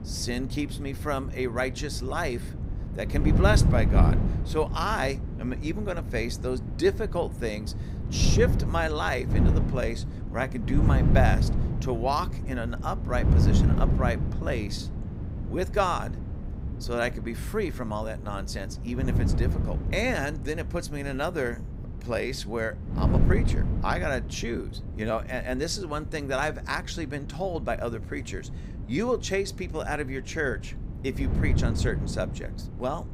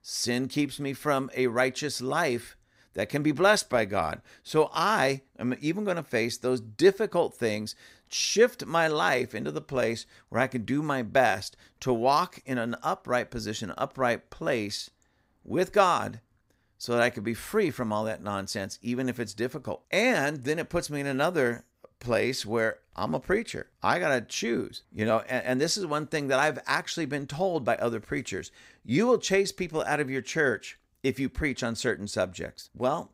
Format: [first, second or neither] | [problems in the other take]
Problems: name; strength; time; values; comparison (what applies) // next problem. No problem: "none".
second | wind noise on the microphone; heavy; 10 dB below the speech